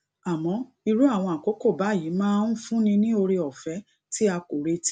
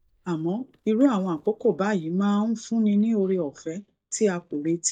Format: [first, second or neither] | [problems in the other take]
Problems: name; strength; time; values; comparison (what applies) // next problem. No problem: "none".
first | noise reduction (neural mask model DeepFilterNet 3)